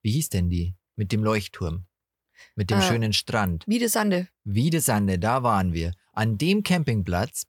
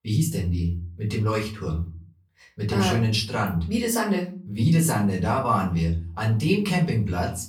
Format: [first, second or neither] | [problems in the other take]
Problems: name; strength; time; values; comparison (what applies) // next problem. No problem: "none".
first | room echo; slight; dies away in 0.3 s // off-mic speech; far